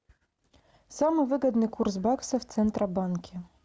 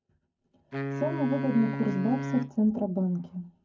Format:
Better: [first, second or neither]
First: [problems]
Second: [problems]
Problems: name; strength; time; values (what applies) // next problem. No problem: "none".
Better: first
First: none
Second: background sound (Wind instrument, woodwind instrument); 6 dB below the speech // room echo; dies away in 0.3 s